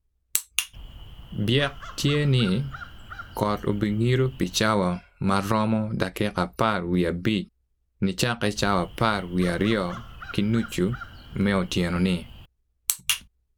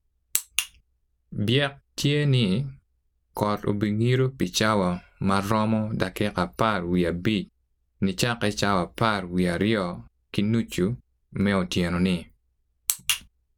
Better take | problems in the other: second | background sound (Crow); 15 dB below the speech

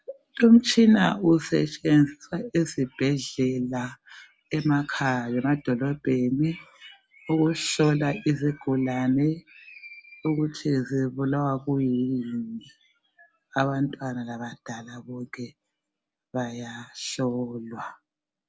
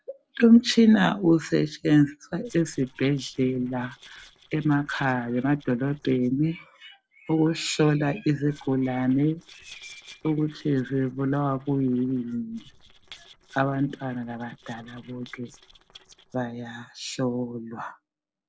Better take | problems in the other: first | noise reduction (neural separator model SepFormer DNS4)

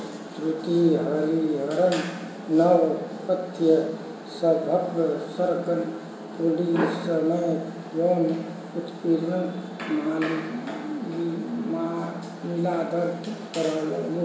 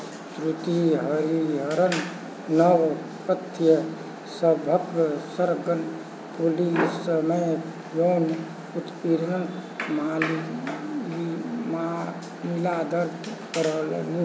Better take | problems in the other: second | room echo; dies away in 1.3 s

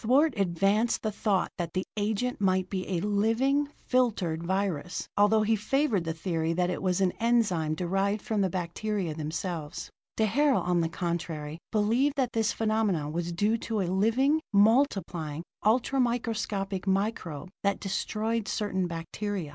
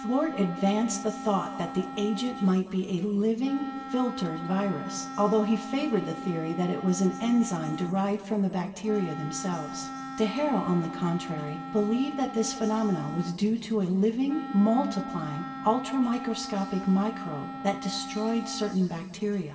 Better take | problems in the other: first | background sound (Wind instrument, woodwind instrument); 11 dB below the speech // room echo; dies away in 2.5 s

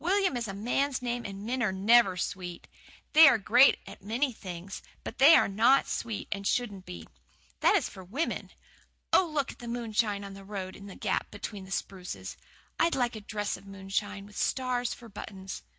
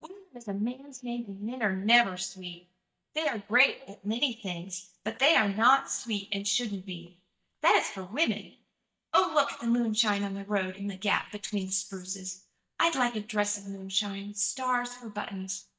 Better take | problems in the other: first | noise reduction (neural mask model DeepFilterNet 3)

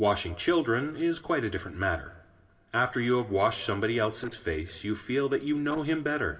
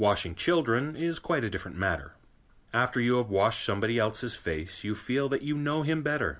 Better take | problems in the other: second | noise reduction (neural separator model SepFormer DNS4)

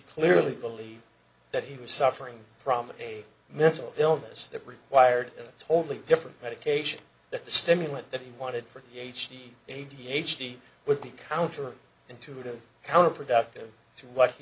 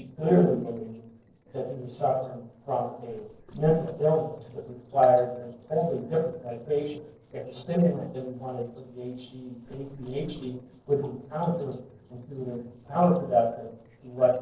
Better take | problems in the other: first | noise reduction (neural separator model SepFormer DNS4)

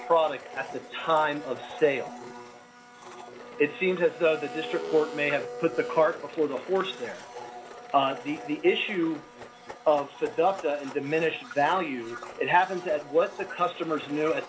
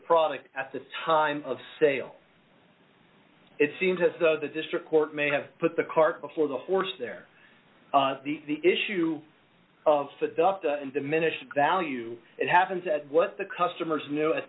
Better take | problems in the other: second | background sound (Domestic sounds, home sounds); 14 dB below the speech

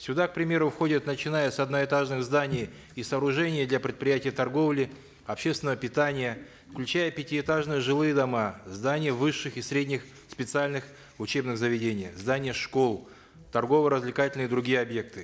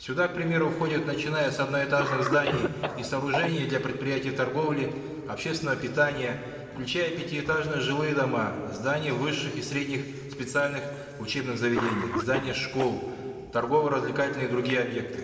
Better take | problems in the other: first | background sound (Cough); 11 dB below the speech // room echo; dies away in 2.7 s

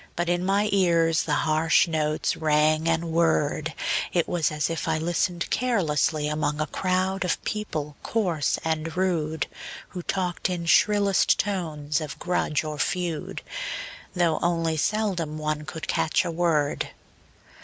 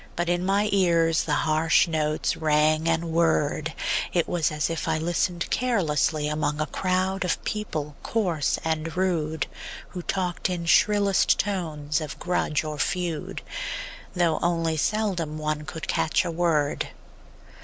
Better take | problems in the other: first | background sound (Bus); 17 dB below the speech

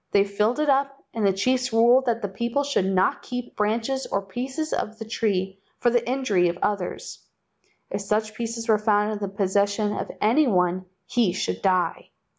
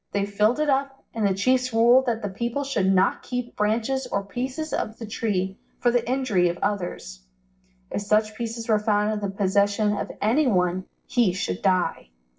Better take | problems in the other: first | noise reduction (neural separator model SepFormer DNS4)

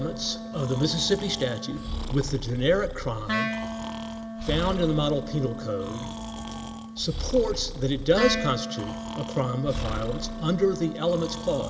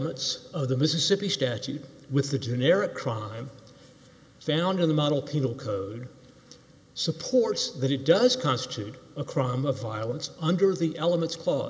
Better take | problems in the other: second | background sound (Breathing + Wind instrument, woodwind instrument); 6 dB below the speech

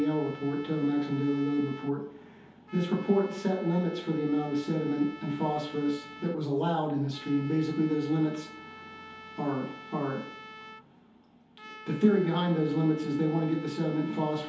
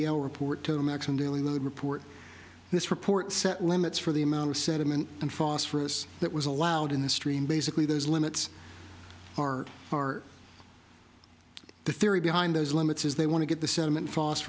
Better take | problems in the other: second | background sound (Trumpet); 18 dB below the speech // room echo; dies away in 0.6 s

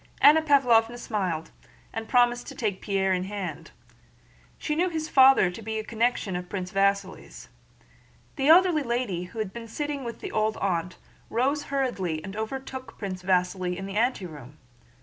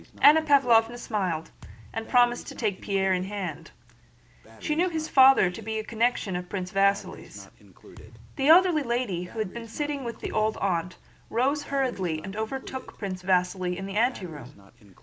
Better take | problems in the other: first | background sound (Breathing + Thump, thud); 20 dB below the speech

